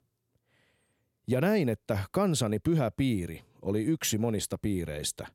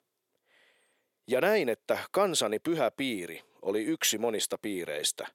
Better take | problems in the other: first | thin; somewhat; fading below 450 Hz

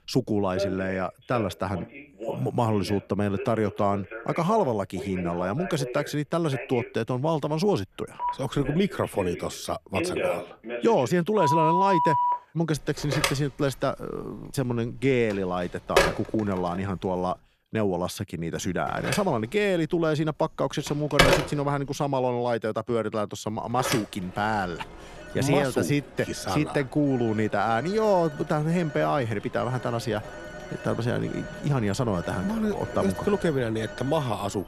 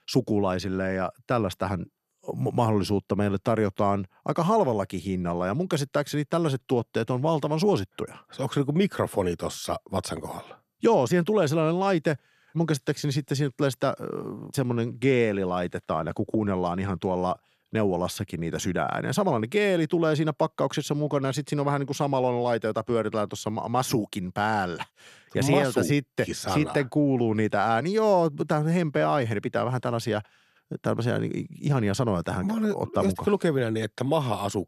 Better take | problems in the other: second | alarms or sirens; loud; throughout; 4 dB below the speech

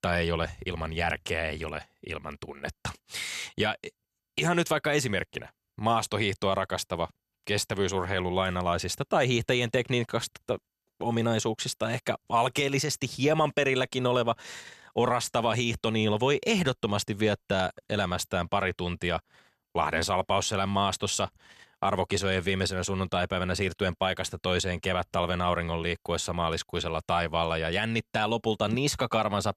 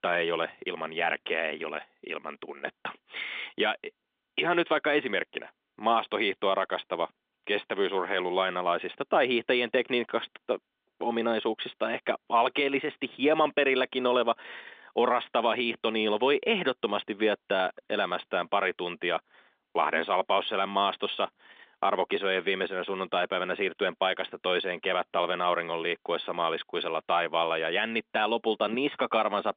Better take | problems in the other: first | phone-call audio

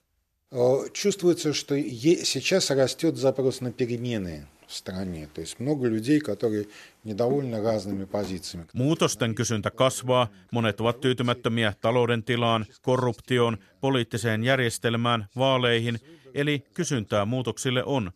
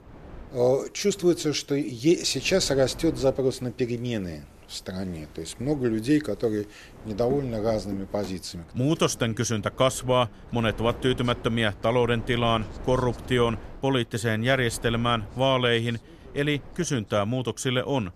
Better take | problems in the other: first | wind noise on the microphone; occasional gusts; 20 dB below the speech

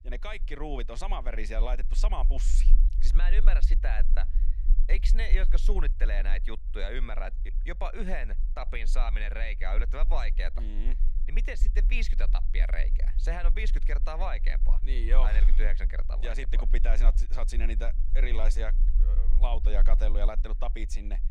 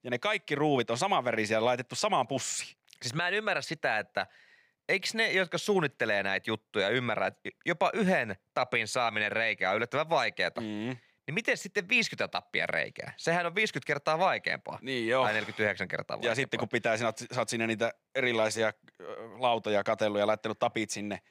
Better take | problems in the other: second | low rumble; noticeable; throughout; 15 dB below the speech

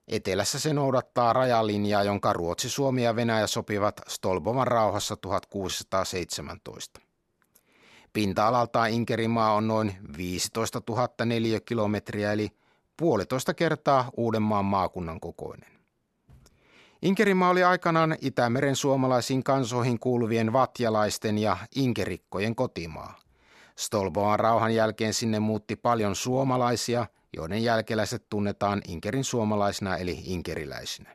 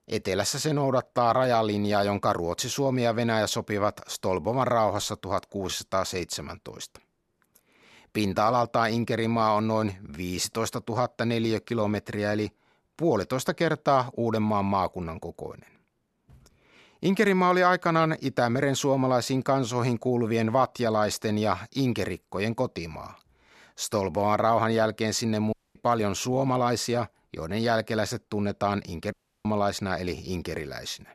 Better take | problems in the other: first | audio cutting out; at 26 s and at 29 s

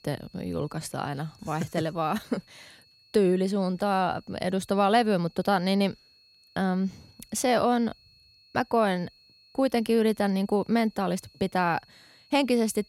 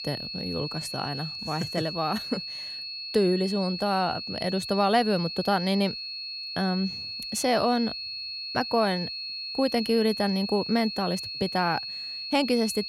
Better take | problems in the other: first | high-pitched whine; loud; throughout; 4.5 kHz, 6 dB below the speech; faint in the first

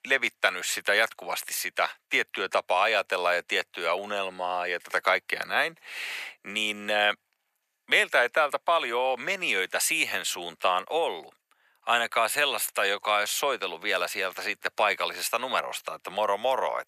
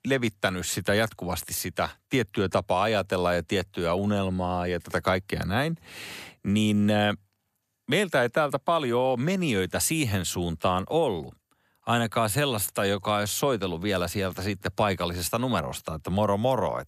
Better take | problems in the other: second | thin; very; fading below 650 Hz

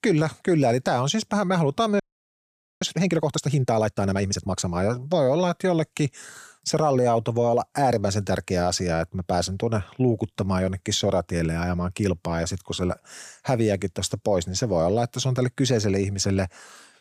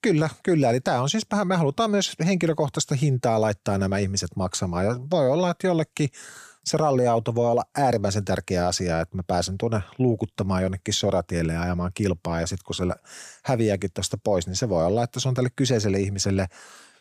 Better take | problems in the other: second | audio freezing; at 2 s for 1 s

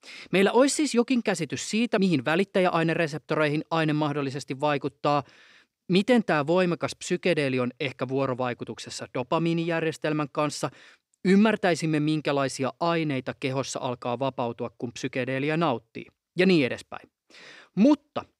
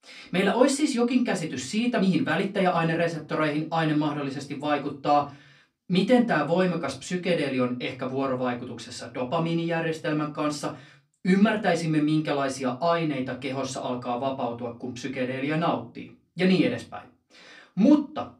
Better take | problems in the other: first | off-mic speech; far // room echo; very slight; dies away in 0.3 s

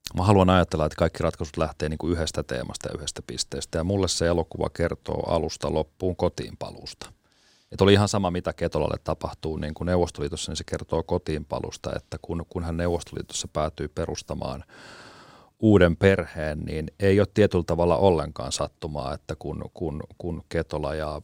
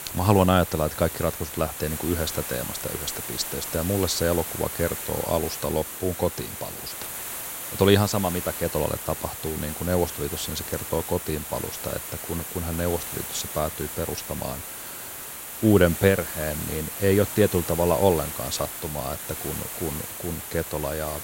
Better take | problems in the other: first | hiss; loud; throughout; 6 dB below the speech

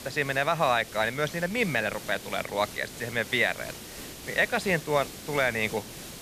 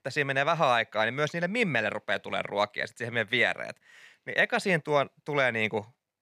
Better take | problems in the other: second | hiss; noticeable; throughout; 15 dB below the speech

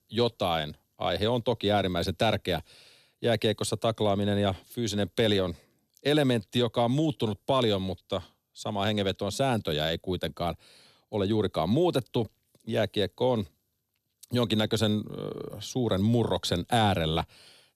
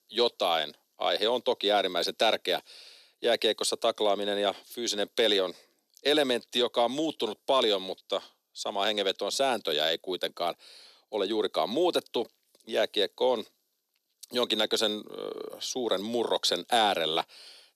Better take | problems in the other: first | thin; somewhat; fading below 350 Hz

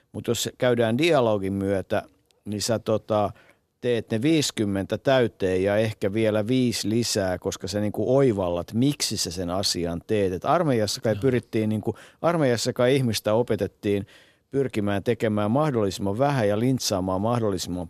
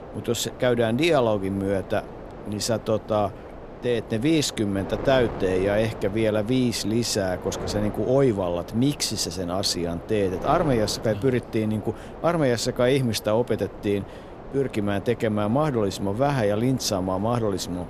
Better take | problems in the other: first | wind noise on the microphone; occasional gusts; 15 dB below the speech

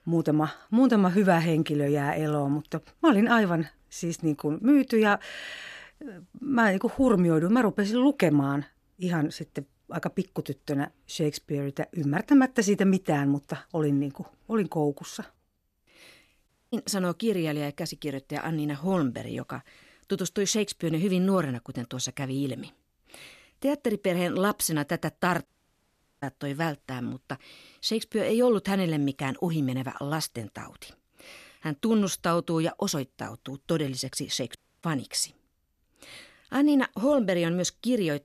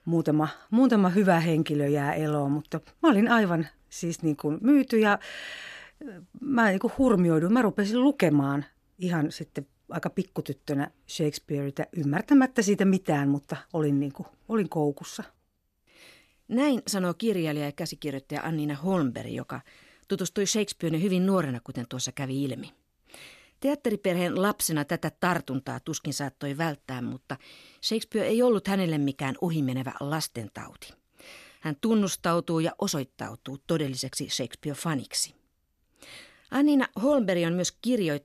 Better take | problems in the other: second | audio cutting out; at 16 s, at 25 s for 1 s and at 35 s

